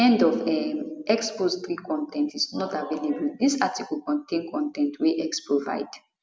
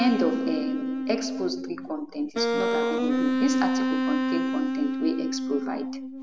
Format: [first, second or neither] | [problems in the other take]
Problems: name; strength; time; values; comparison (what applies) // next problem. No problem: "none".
first | background sound (Wind instrument, woodwind instrument); 2 dB above the speech